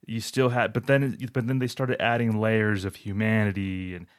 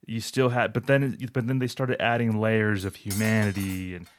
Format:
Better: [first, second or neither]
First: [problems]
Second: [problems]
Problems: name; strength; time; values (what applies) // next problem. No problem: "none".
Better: first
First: none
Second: clattering dishes; noticeable; from 3 s on; peak 9 dB below the speech